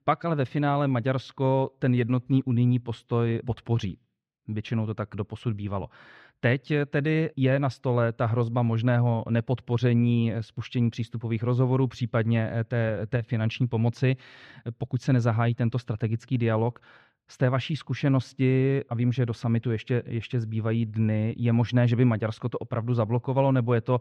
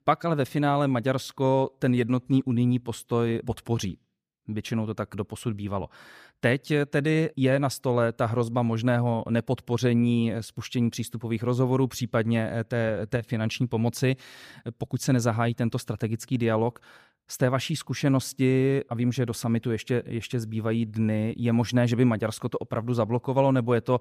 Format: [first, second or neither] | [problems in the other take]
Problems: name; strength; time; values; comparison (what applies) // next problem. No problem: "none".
second | muffled; slightly; fading above 3 kHz